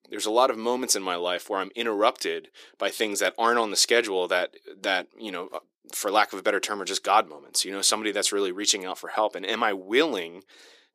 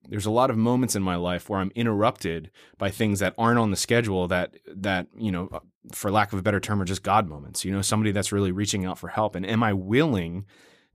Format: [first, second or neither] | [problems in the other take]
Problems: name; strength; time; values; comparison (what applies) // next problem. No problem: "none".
second | thin; somewhat; fading below 350 Hz